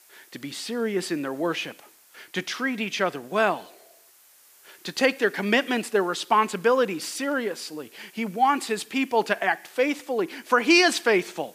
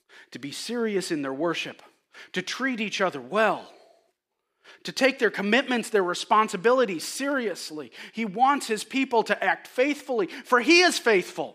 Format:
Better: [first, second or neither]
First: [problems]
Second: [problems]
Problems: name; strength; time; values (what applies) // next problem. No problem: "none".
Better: second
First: hiss; faint; throughout; 30 dB below the speech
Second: none